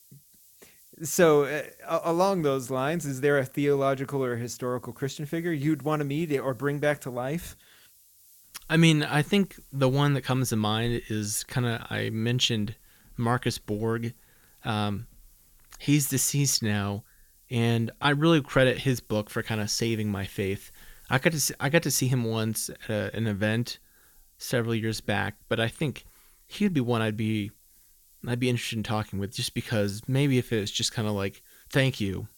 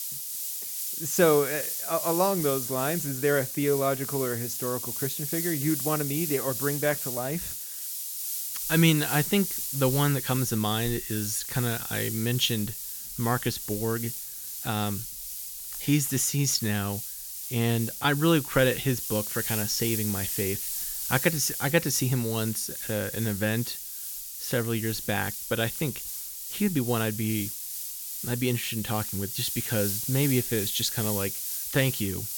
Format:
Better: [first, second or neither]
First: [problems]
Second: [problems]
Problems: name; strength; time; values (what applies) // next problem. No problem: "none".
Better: first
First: hiss; faint; throughout; 30 dB below the speech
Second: hiss; loud; throughout; 4 dB below the speech